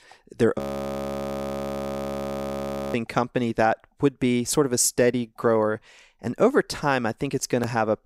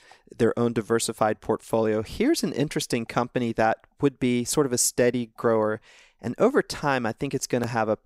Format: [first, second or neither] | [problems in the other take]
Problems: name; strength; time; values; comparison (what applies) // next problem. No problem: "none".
second | audio freezing; at 0.5 s for 2.5 s